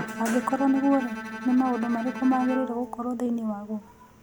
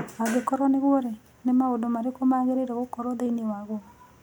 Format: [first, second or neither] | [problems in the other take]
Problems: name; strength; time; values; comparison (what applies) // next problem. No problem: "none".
second | background sound (Bowed string instrument); 11 dB below the speech